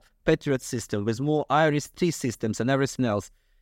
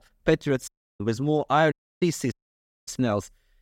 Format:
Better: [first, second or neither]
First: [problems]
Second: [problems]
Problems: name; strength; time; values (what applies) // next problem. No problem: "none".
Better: first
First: none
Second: audio cutting out; at 0.5 s, at 1.5 s and at 2.5 s for 0.5 s